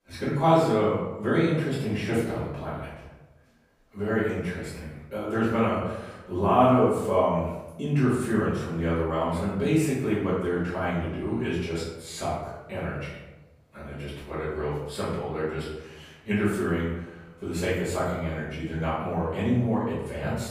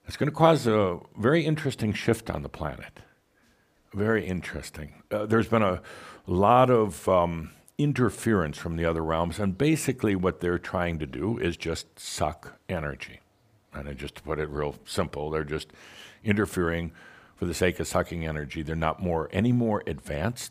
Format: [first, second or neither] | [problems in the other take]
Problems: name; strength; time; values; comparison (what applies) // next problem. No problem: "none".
second | room echo; noticeable; dies away in 0.8 s // off-mic speech; far